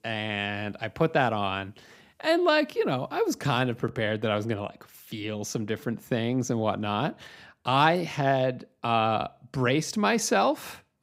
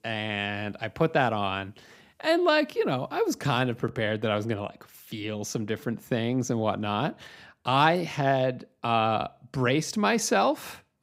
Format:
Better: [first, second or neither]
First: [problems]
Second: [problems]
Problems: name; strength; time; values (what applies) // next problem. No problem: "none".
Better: neither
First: none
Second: none